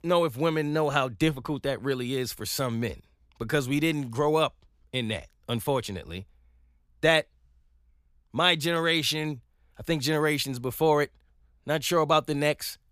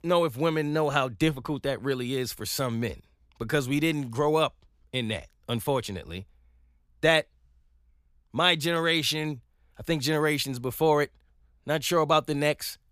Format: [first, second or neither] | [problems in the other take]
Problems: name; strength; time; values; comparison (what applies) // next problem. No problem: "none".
neither | none